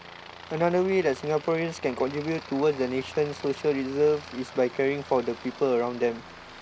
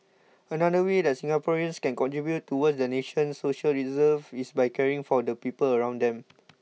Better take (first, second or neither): second